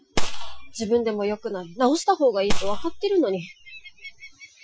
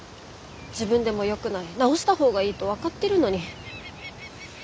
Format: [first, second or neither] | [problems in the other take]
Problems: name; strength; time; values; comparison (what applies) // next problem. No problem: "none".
second | noise reduction (classical method Wiener filter)